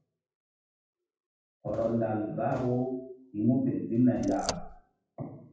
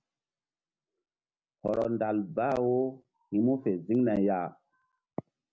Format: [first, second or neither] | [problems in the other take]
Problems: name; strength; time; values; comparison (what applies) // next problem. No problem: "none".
second | noise reduction (classical method WPE with log-MMSE)